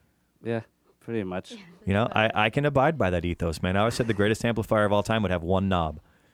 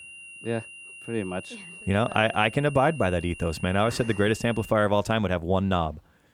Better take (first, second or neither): first